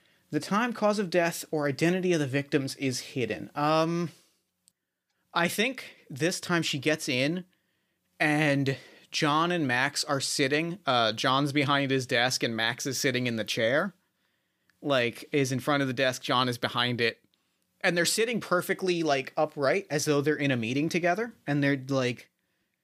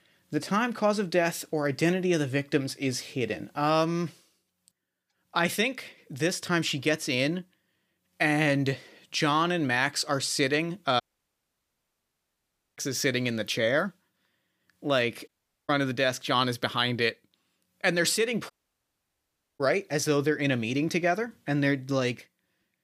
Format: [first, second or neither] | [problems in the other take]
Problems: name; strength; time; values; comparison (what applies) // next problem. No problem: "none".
first | audio cutting out; at 11 s for 2 s, at 15 s and at 19 s for 1 s